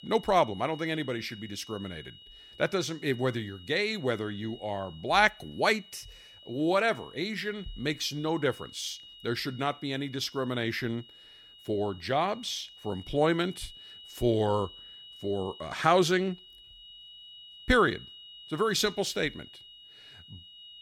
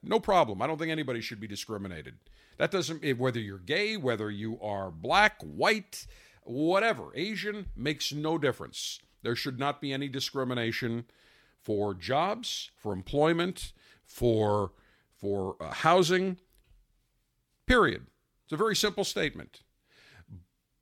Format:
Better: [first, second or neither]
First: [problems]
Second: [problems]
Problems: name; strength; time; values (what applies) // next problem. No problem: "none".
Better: second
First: high-pitched whine; noticeable; throughout; 3 kHz, 20 dB below the speech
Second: none